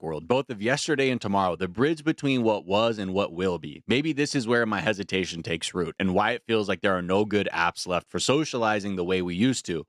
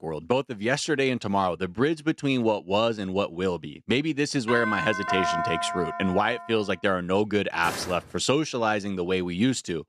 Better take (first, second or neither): first